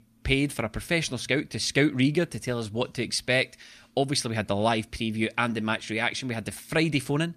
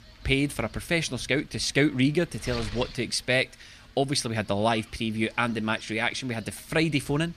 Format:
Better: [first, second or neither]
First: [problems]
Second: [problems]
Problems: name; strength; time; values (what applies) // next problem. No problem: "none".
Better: first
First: none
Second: wind noise on the microphone; occasional gusts; 20 dB below the speech